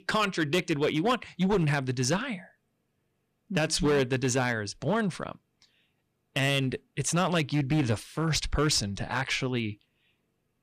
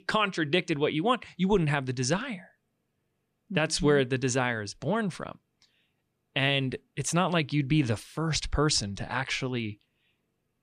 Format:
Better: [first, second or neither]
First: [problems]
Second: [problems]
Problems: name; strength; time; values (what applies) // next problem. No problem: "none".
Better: second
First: distortion; slight; 5% of the sound clipped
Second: none